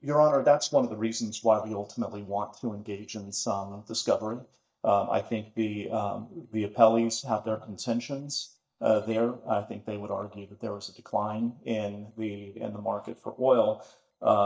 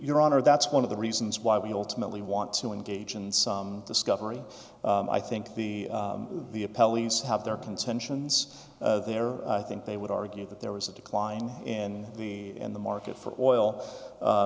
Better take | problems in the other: second | noise reduction (neural mask model DeepFilterNet 3)

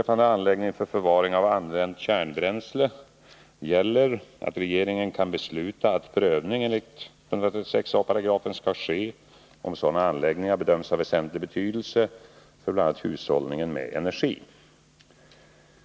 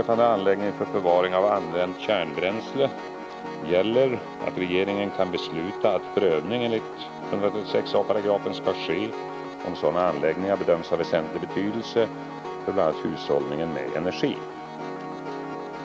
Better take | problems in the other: first | background sound (Piano); 9 dB below the speech

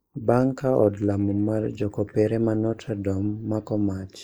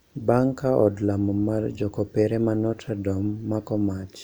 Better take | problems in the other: second | noise reduction (neural mask model Resemble Enhance denoiser)

